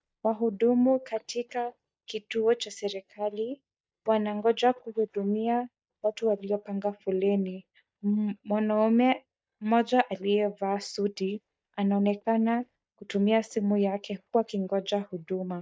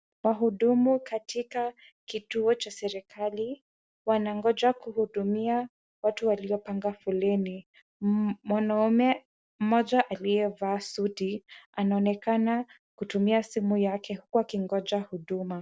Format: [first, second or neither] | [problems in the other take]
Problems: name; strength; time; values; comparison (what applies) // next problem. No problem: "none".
second | noise reduction (neural mask model DeepFilterNet 3)